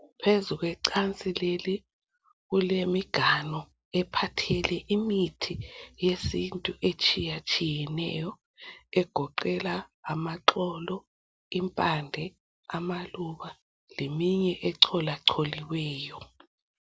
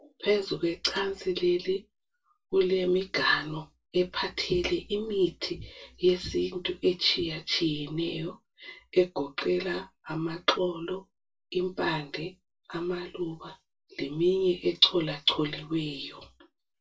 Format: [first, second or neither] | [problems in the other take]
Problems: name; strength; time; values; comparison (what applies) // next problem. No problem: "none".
first | room echo; dies away in 0.2 s